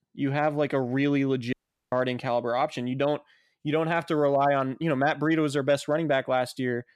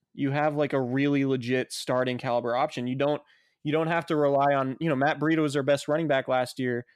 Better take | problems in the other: second | audio cutting out; at 1.5 s

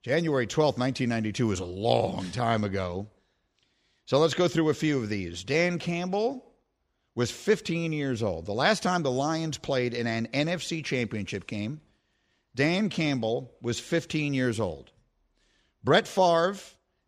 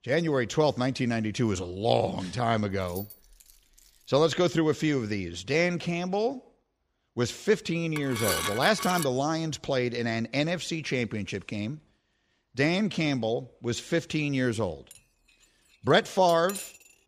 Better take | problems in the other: first | jangling keys; faint; from 2.5 to 4.5 s; peak 15 dB below the speech // clattering dishes; noticeable; from 8 to 9 s; peak level with the speech // clattering dishes; faint; from 15 s on; peak 10 dB below the speech

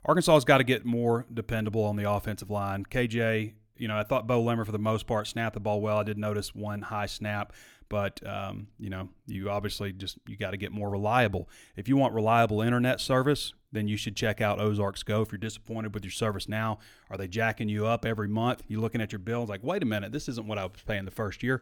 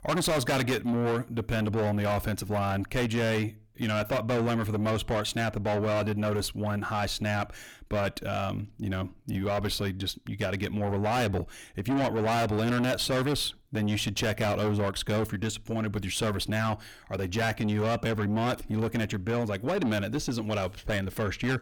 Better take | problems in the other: first | distortion; heavy; 6 dB below the speech

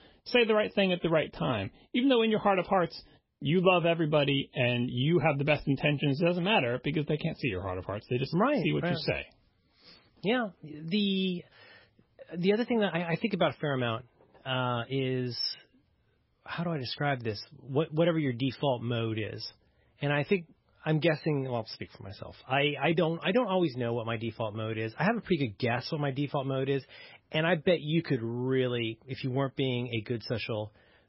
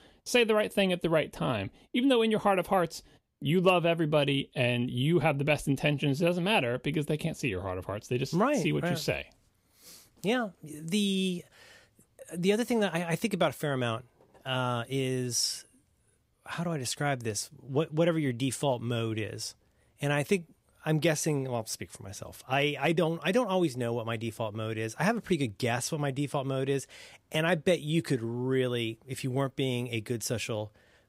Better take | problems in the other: second | garbled, watery; badly; nothing above 5.5 kHz

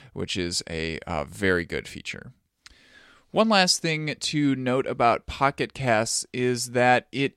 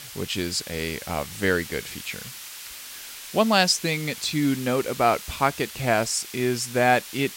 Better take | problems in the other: first | hiss; noticeable; throughout; 15 dB below the speech

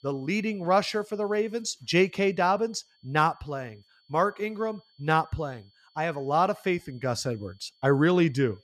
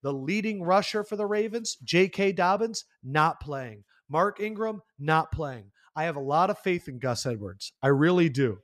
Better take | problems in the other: second | high-pitched whine; faint; throughout; 4.5 kHz, 35 dB below the speech

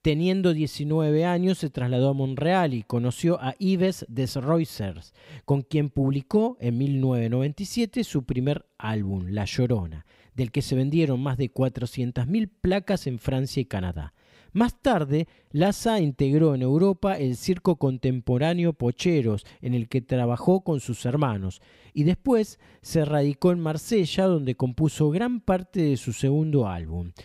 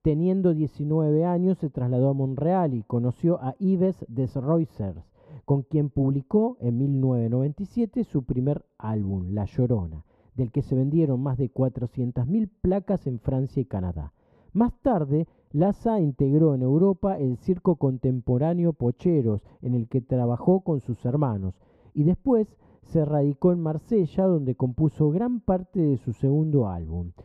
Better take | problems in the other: first | muffled; very; fading above 1.5 kHz

